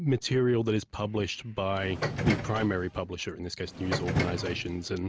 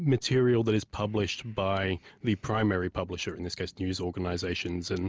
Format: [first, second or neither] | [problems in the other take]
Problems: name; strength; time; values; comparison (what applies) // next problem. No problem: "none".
second | background sound (Subway, metro, underground); 3 dB below the speech